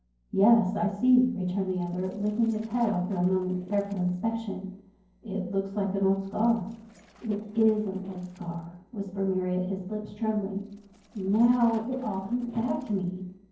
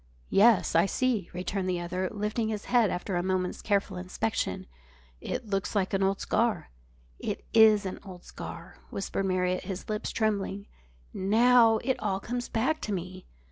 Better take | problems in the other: second | noise reduction (neural separator model SepFormer DNS4)

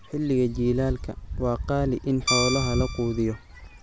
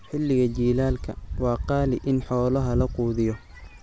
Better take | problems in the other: second | background sound (Guitar); 3 dB below the speech

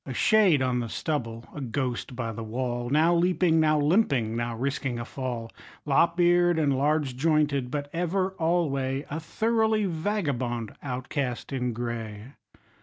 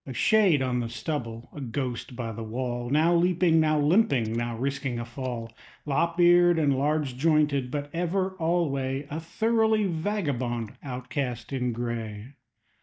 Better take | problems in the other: first | noise reduction (neural mask model DeepFilterNet 3)

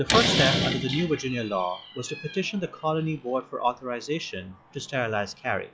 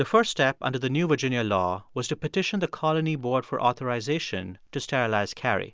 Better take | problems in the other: second | noise reduction (classical method log-MMSE)

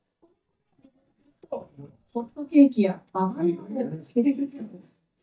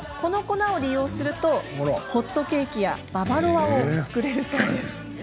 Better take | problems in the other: second | noise reduction (neural mask model DeepFilterNet 3)

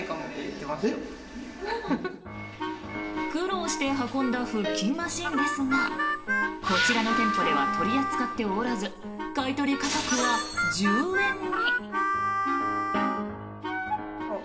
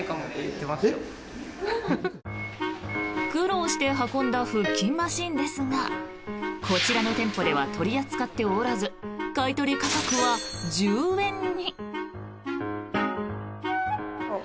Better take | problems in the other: second | background sound (Harmonica); as loud as the speech // room echo; dies away in 2.6 s

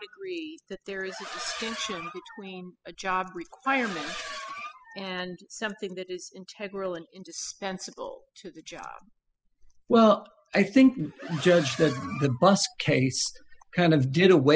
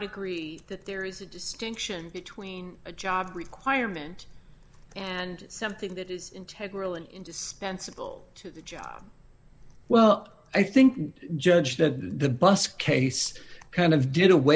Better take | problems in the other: second | noise reduction (classical method spectral subtraction)

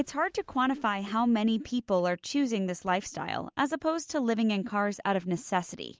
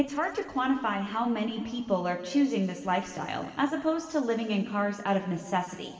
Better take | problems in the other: first | room echo; dies away in 2 s

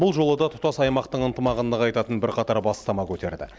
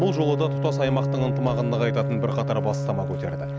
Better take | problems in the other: first | background sound (Bowed string instrument); 1 dB above the speech

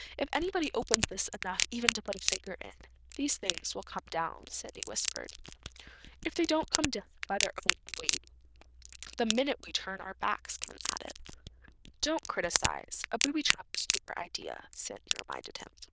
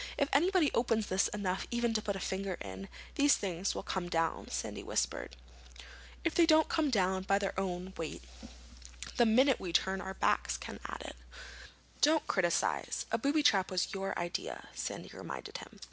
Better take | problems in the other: second | noise reduction (neural diffusion model UNIVERSE++)

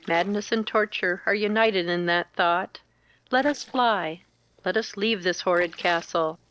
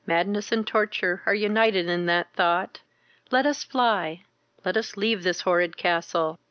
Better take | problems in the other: second | noise reduction (neural separator model SepFormer DNS4)

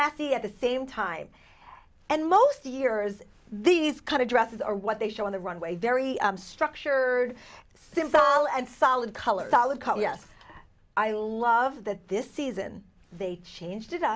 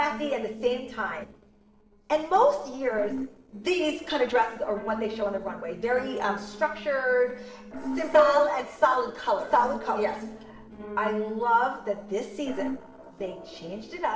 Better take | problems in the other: first | noise reduction (neural separator model SepFormer DNS4)

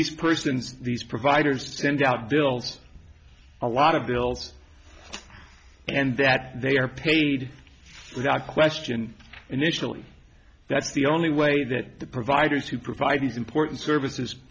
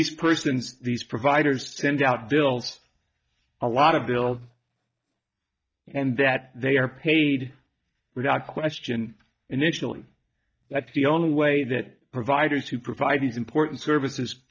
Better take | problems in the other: first | noise reduction (neural mask model DeepFilterNet 3)

